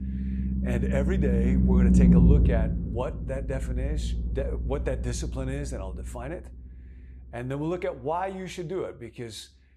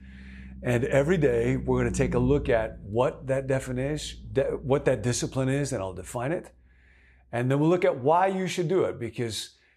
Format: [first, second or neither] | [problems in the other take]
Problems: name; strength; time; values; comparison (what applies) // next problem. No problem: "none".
second | low rumble; loud; throughout; as loud as the speech; faint in the second